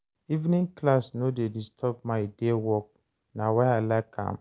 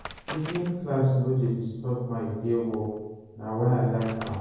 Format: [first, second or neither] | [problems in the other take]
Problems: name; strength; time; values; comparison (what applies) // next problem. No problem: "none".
first | background sound (Wood); 17 dB below the speech // room echo; dies away in 1.3 s